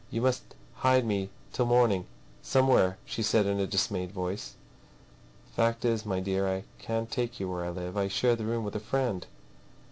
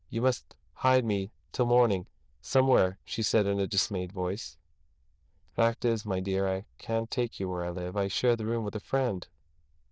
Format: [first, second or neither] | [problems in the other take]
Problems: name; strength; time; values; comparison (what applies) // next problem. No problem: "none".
first | noise reduction (neural diffusion model UNIVERSE++)